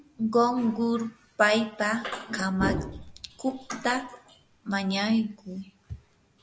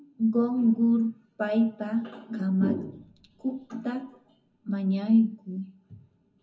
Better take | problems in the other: first | room echo; dies away in 0.4 s

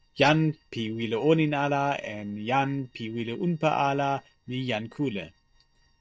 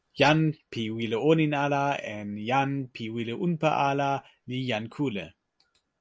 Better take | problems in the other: second | noise reduction (neural separator model SepFormer DNS4)

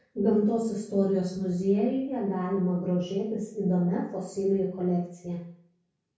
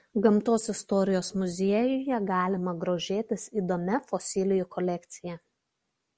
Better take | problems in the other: second | room echo; dies away in 0.6 s

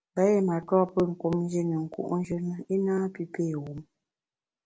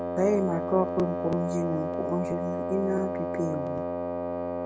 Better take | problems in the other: first | background sound (Wind instrument, woodwind instrument); 1 dB below the speech

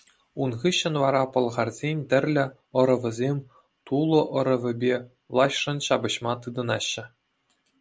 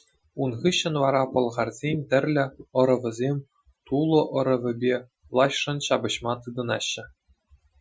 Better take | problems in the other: first | noise reduction (classical method Wiener filter)

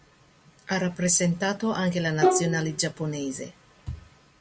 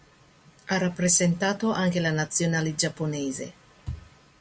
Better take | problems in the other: second | background sound (Bowed string instrument); 1 dB above the speech

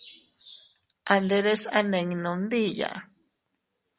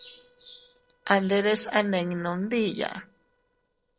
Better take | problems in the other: first | noise reduction (neural separator model SepFormer DNS4)

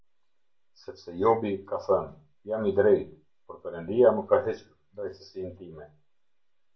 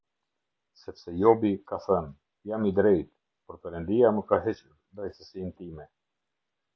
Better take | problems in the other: second | room echo; dies away in 0.2 s

